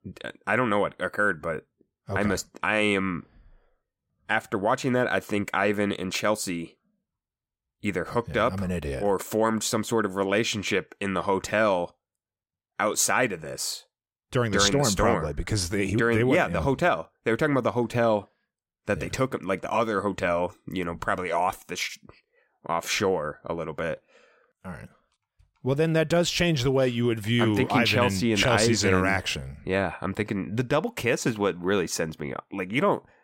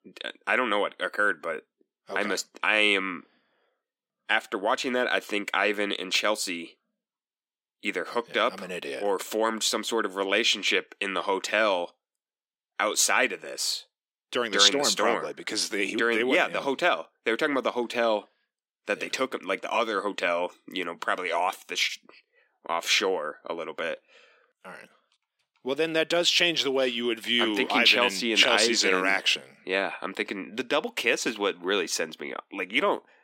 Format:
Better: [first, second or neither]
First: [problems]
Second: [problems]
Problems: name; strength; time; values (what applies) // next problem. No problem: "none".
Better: first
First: none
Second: thin; very slightly; fading below 250 Hz